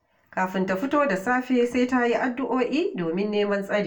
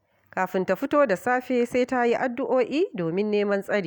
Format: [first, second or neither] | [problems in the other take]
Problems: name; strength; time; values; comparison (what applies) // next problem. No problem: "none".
second | room echo; dies away in 0.2 s